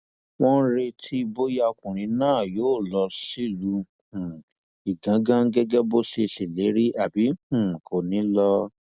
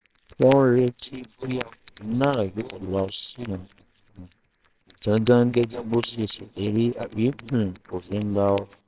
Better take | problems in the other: first | noise reduction (neural separator model SepFormer WHAMR!)

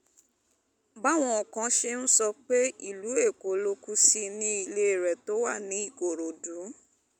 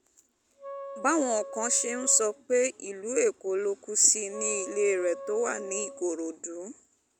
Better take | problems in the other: first | background sound (Wind instrument, woodwind instrument); 13 dB below the speech

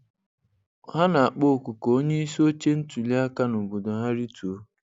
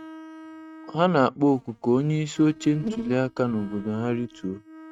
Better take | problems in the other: first | noise reduction (neural mask model RNNoise)

